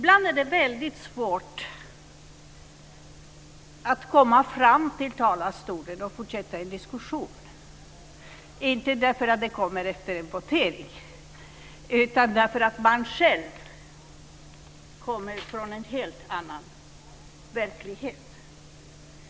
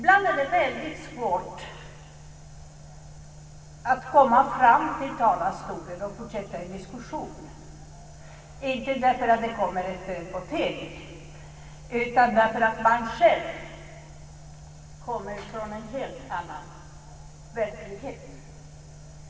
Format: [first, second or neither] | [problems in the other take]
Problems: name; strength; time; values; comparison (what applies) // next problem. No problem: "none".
first | room echo; dies away in 2 s